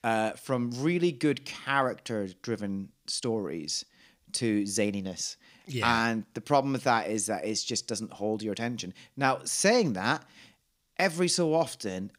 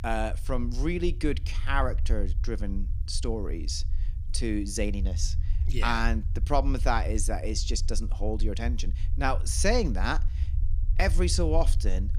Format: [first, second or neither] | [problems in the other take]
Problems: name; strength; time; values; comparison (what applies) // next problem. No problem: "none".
first | low rumble; noticeable; throughout; 20 dB below the speech